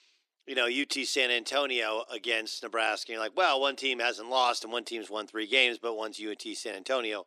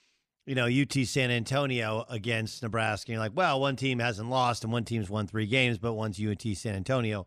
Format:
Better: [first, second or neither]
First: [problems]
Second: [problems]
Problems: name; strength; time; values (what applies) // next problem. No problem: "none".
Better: second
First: thin; very; fading below 300 Hz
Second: none